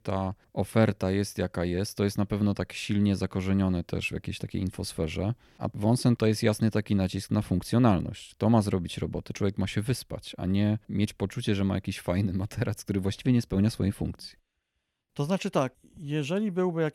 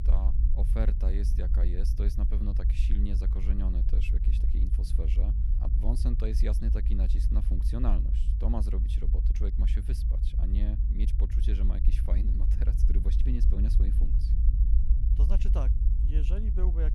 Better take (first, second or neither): first